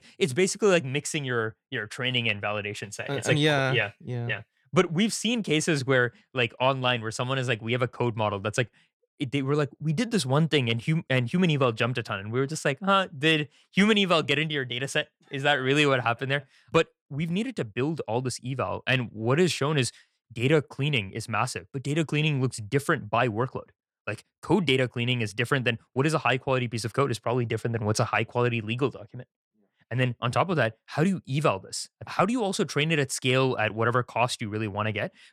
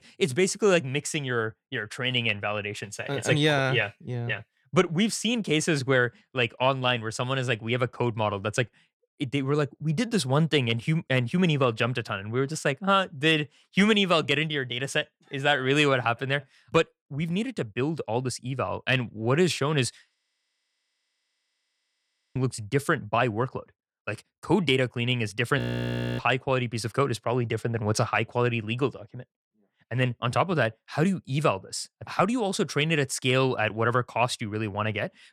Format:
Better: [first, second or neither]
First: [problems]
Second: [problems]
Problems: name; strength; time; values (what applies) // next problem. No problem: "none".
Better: first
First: none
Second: audio freezing; at 20 s for 2 s and at 26 s for 0.5 s